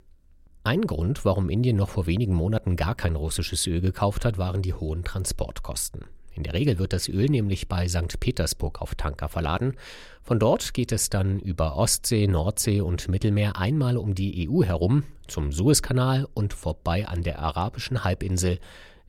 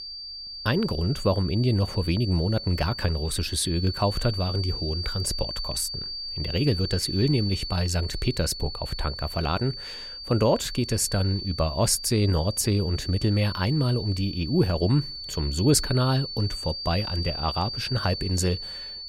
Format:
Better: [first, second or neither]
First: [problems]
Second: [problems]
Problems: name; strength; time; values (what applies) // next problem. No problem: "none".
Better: first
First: none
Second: high-pitched whine; loud; throughout; 4.5 kHz, 7 dB below the speech